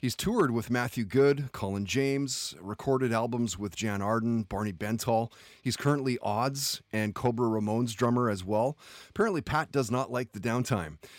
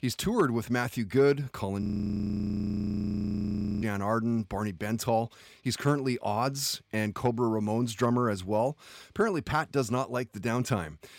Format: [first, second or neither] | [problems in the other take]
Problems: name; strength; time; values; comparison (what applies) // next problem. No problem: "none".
first | audio freezing; at 2 s for 2 s